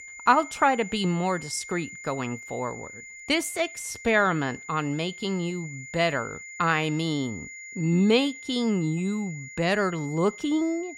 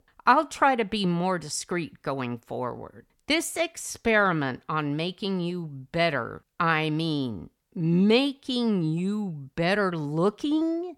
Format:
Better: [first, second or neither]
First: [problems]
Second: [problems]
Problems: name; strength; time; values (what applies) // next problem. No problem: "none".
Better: second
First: high-pitched whine; noticeable; throughout; 2 kHz, 15 dB below the speech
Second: none